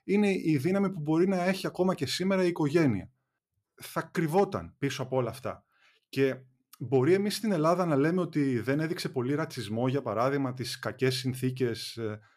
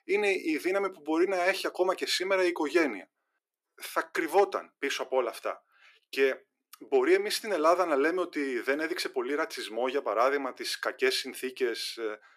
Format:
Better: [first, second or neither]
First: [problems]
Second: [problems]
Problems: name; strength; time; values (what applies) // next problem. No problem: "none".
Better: first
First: none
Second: thin; very; fading below 350 Hz